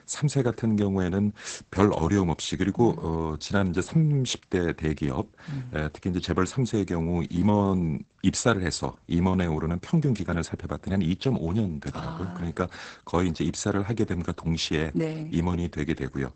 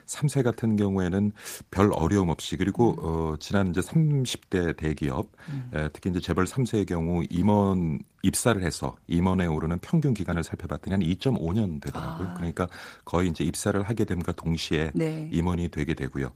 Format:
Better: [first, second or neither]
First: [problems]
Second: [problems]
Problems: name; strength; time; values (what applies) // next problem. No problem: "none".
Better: second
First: garbled, watery; badly; nothing above 8 kHz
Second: garbled, watery; slightly; nothing above 15 kHz